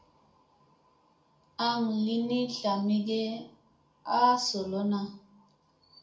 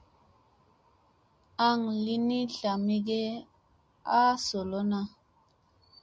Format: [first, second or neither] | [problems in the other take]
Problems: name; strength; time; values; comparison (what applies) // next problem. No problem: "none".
second | room echo; dies away in 0.4 s